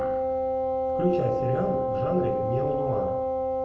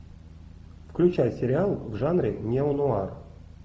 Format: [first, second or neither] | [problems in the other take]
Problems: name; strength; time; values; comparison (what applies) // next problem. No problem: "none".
second | background sound (Wind instrument, woodwind instrument); 4 dB above the speech // room echo; dies away in 0.7 s